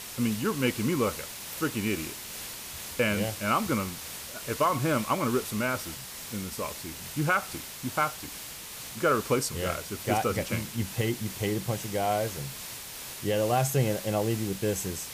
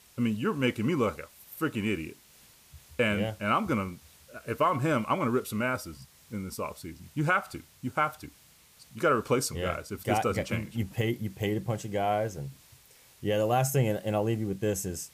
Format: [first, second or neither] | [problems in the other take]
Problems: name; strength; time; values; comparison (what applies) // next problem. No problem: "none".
second | hiss; loud; throughout; 8 dB below the speech; faint in the second